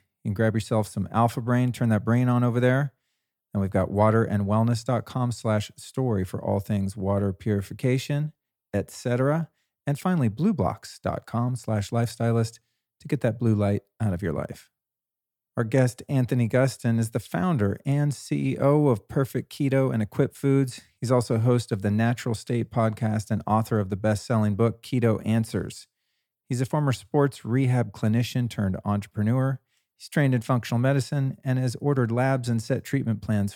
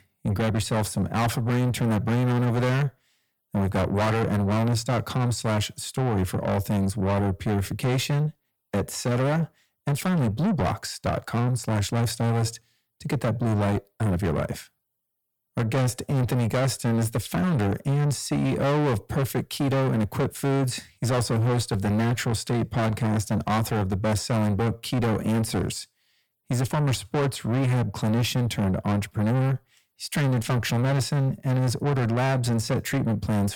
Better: first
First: none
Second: distortion; heavy; 6 dB below the speech

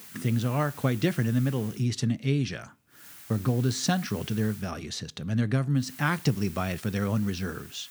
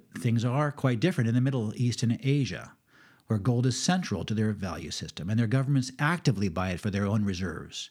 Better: second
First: hiss; noticeable; until 2 s, from 3 to 4.5 s and from 6 s on; 15 dB below the speech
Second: none

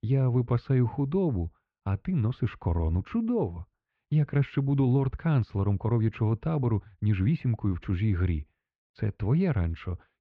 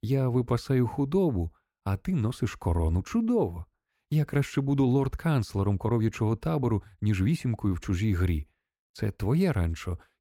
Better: second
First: muffled; slightly; fading above 3.5 kHz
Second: none

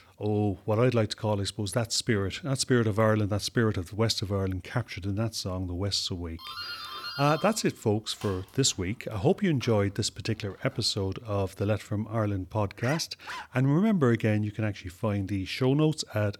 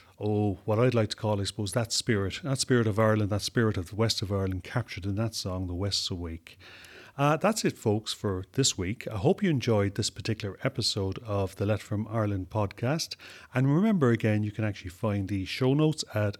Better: second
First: doorbell; noticeable; from 6.5 to 11 s; peak 8 dB below the speech // dog barking; faint; at 13 s; peak 10 dB below the speech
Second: none

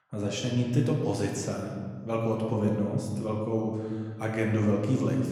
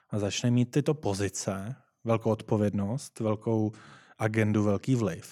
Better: second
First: room echo; noticeable; dies away in 1.4 s // off-mic speech; somewhat distant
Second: none

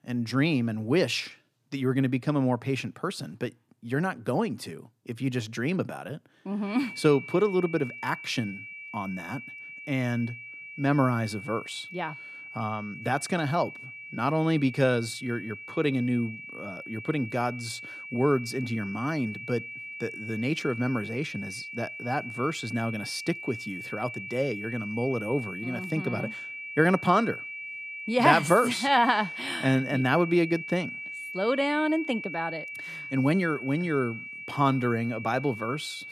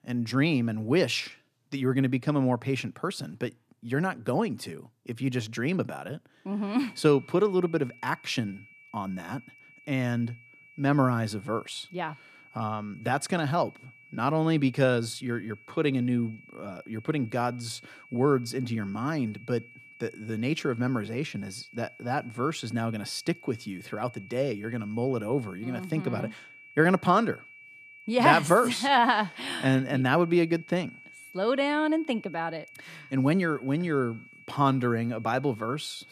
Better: second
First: high-pitched whine; loud; from 6.5 s on; 2.5 kHz, 10 dB below the speech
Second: high-pitched whine; faint; from 6.5 s on; 2.5 kHz, 20 dB below the speech

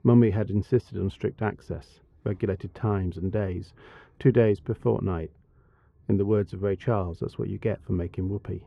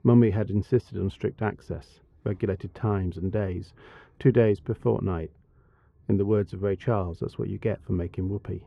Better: neither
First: muffled; very; fading above 3.5 kHz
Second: muffled; very; fading above 3.5 kHz

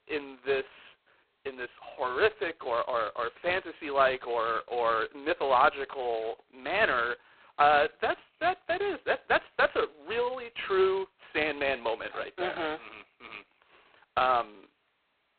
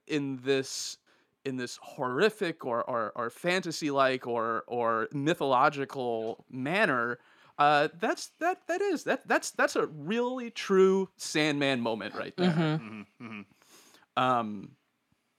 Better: second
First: phone-call audio; poor line; nothing above 4 kHz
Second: none

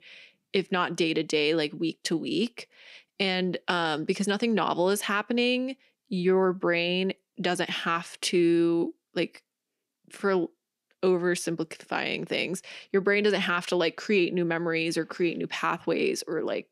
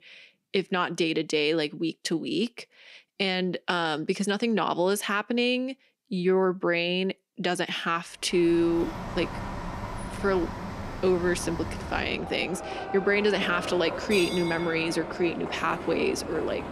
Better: first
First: none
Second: animal sounds; loud; from 8.5 s on; 9 dB below the speech

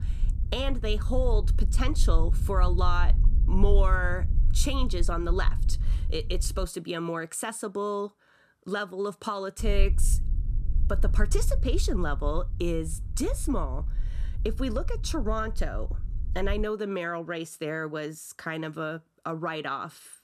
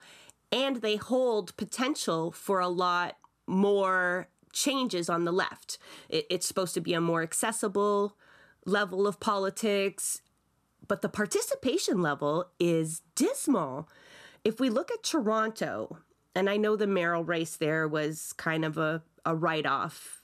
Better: second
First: low rumble; noticeable; until 6.5 s and from 9.5 to 17 s; 15 dB below the speech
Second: none

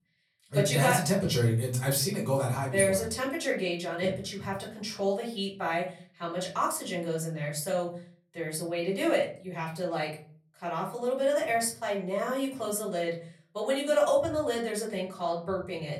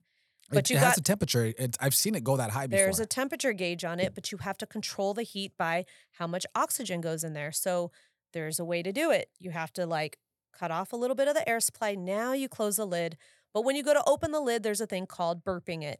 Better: second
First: off-mic speech; far // room echo; slight; dies away in 0.4 s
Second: none

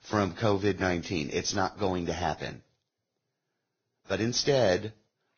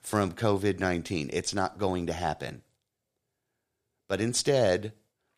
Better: second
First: garbled, watery; badly; nothing above 6.5 kHz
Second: none

